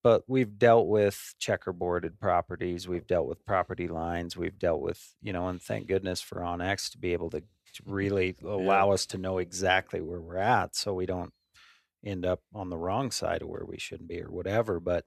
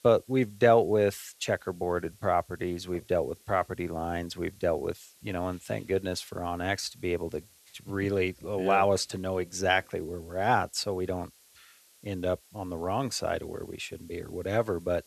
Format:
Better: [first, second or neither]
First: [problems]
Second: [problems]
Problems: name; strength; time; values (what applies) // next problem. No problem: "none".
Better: first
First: none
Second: hiss; faint; throughout; 25 dB below the speech